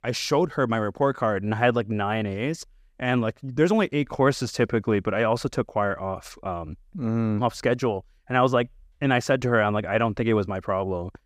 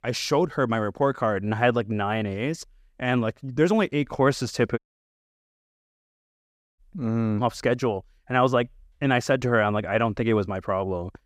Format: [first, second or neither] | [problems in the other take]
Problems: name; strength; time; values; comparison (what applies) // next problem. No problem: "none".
first | audio cutting out; at 5 s for 2 s